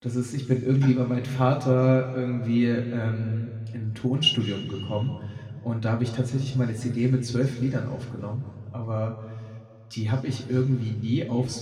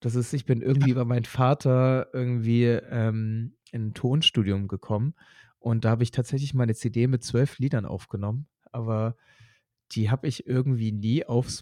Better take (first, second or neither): second